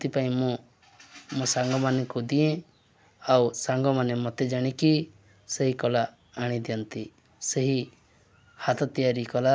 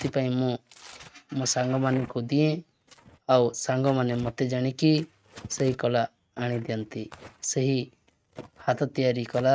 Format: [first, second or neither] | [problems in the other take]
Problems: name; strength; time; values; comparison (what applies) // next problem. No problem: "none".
first | noise reduction (neural mask model RNNoise)